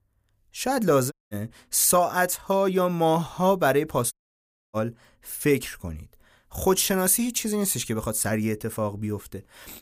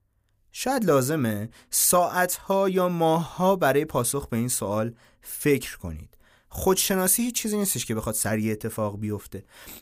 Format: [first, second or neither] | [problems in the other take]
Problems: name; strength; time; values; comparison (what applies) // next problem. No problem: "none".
second | audio cutting out; at 1 s and at 4 s for 0.5 s